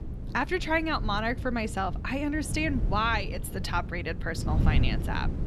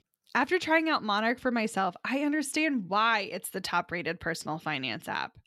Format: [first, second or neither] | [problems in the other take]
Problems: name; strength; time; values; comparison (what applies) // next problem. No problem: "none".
second | wind noise on the microphone; occasional gusts; 15 dB below the speech